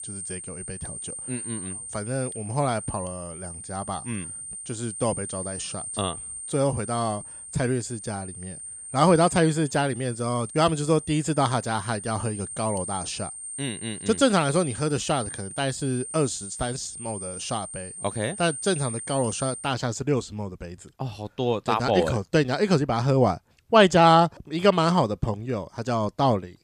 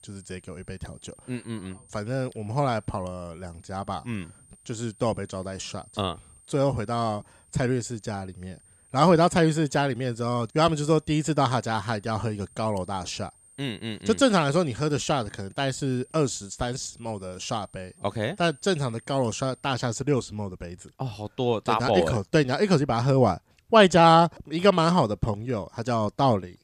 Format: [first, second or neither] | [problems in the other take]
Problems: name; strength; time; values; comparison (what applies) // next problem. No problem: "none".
second | high-pitched whine; loud; until 20 s; 9 kHz, 10 dB below the speech; faint in the second